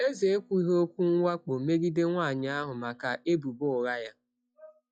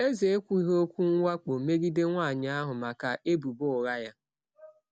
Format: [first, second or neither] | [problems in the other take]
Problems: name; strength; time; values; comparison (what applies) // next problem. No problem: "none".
second | noise reduction (classical method log-MMSE)